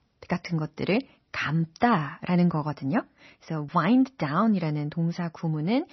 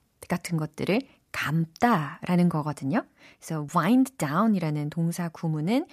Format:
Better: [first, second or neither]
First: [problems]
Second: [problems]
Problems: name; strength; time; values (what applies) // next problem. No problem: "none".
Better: second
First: garbled, watery; slightly; nothing above 6 kHz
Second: none